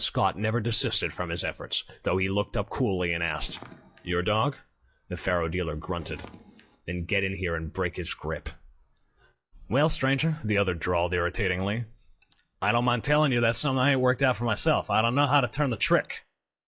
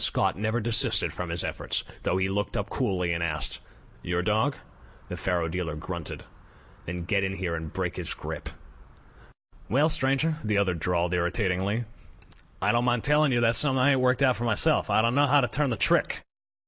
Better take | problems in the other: second | noise reduction (classical method log-MMSE)

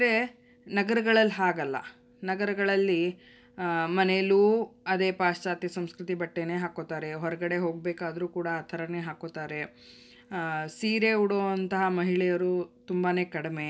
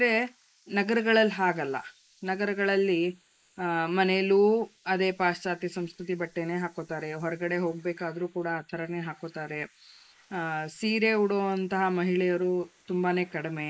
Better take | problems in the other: first | noise reduction (neural mask model Resemble Enhance denoiser)

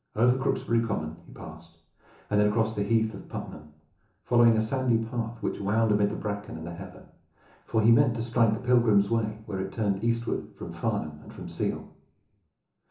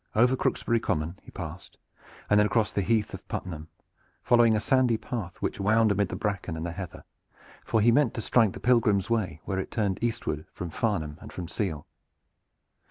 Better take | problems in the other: second | room echo; dies away in 0.8 s

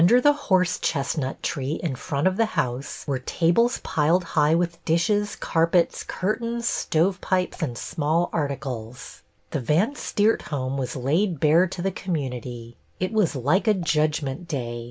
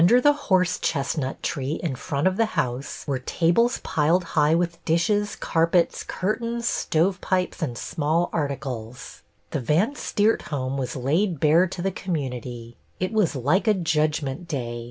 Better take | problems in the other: second | background sound (Drip / Water); 20 dB below the speech

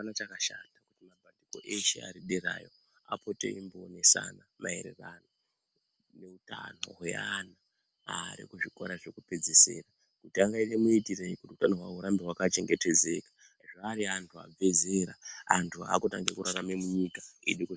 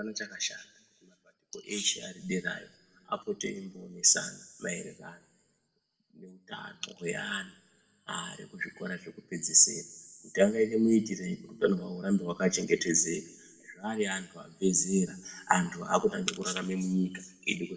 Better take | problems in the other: first | room echo; dies away in 1.1 s

